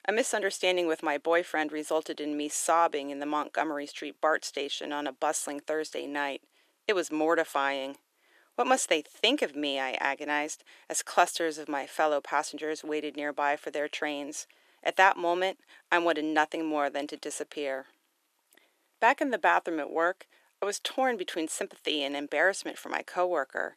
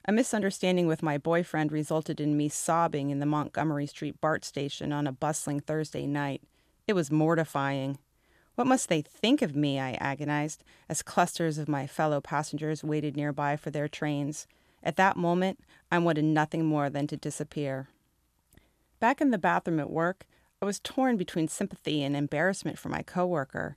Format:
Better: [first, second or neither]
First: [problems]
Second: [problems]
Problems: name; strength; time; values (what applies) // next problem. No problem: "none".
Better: second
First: thin; somewhat; fading below 350 Hz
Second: none